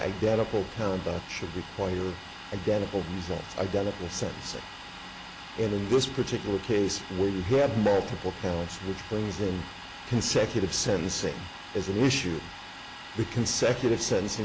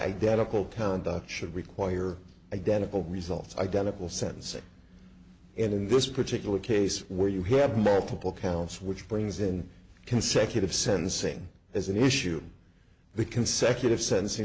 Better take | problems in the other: second | background sound (Domestic sounds, home sounds); 14 dB below the speech

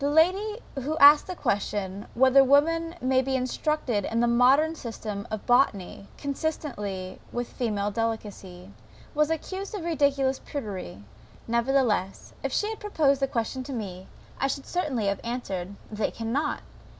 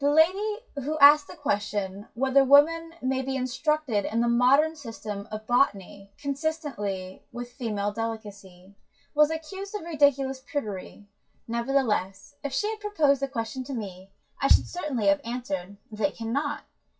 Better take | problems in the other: first | noise reduction (classical method WPE with log-MMSE)

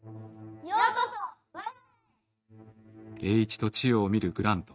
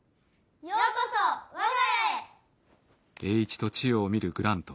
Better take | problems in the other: second | noise reduction (neural mask model RNNoise)

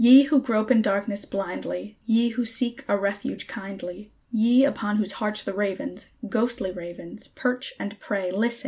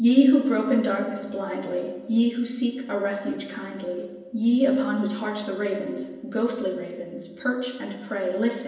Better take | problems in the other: first | room echo; dies away in 1 s

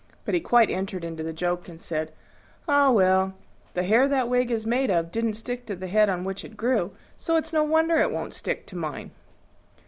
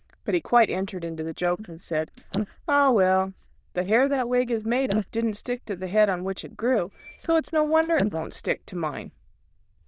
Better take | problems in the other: first | noise reduction (neural diffusion model UNIVERSE++)

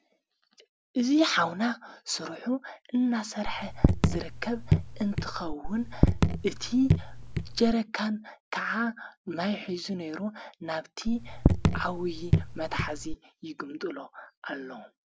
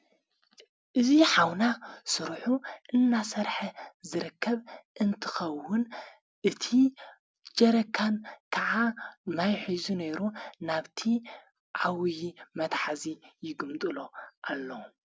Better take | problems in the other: second | background sound (Raindrop / Drip); 4 dB above the speech

